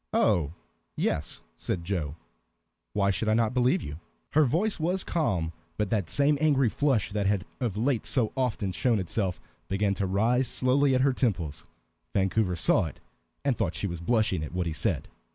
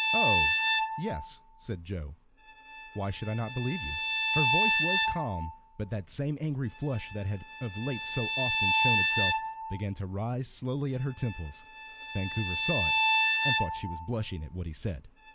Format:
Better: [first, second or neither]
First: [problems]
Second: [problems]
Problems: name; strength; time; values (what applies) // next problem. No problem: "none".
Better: first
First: none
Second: background sound (Bowed string instrument); 3 dB above the speech